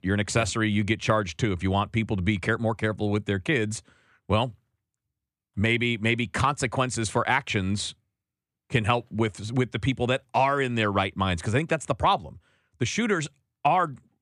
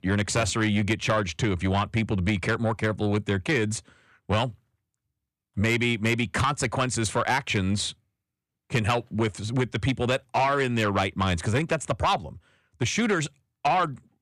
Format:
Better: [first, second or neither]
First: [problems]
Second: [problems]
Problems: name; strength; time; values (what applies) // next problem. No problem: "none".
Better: first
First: none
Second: distortion; slight; 10 dB below the speech